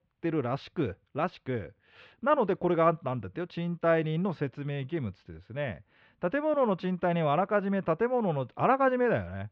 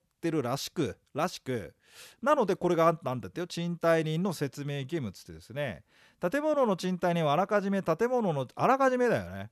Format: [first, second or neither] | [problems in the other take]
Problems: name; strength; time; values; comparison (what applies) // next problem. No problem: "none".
second | muffled; very; fading above 3 kHz